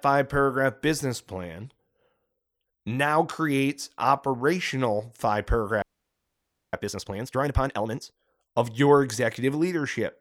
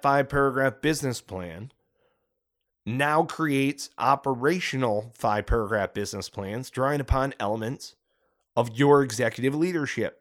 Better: second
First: audio freezing; at 6 s for 1 s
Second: none

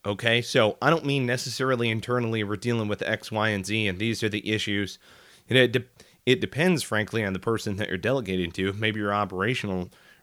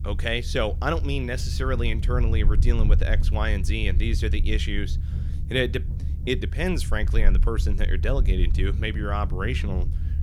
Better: first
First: none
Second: low rumble; noticeable; throughout; 15 dB below the speech

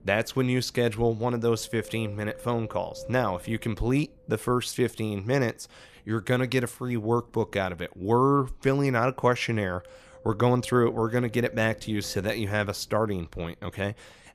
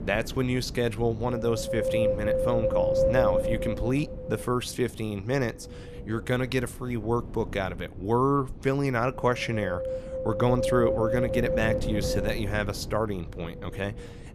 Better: first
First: wind noise on the microphone; occasional gusts; 20 dB below the speech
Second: wind noise on the microphone; heavy; 1 dB above the speech

